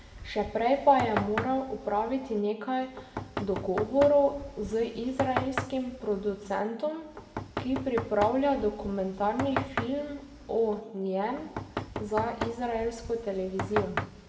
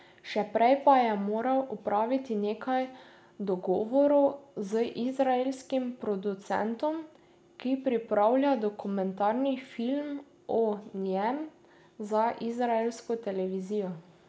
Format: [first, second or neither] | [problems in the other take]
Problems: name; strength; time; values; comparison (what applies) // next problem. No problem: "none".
second | background sound (Knock); 8 dB below the speech // room echo; dies away in 1.2 s